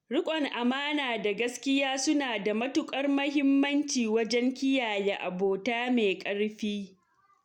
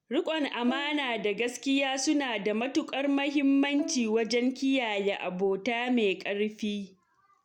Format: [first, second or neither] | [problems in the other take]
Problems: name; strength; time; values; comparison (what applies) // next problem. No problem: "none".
first | background sound (Bowed string instrument); 18 dB below the speech